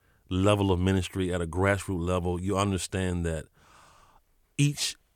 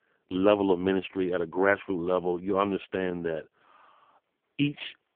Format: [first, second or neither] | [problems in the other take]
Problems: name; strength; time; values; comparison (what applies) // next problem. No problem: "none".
first | phone-call audio; poor line; nothing above 3 kHz